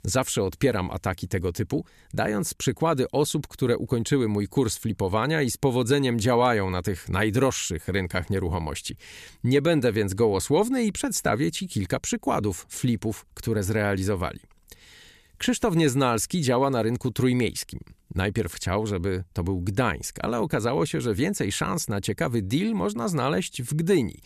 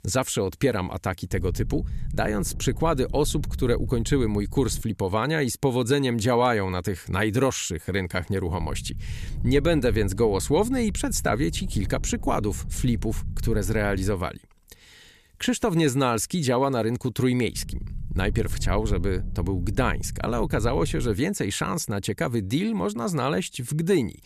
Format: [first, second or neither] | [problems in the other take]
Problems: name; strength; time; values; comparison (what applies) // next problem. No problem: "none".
first | low rumble; faint; from 1.5 to 5 s, from 8.5 to 14 s and from 18 to 21 s; 20 dB below the speech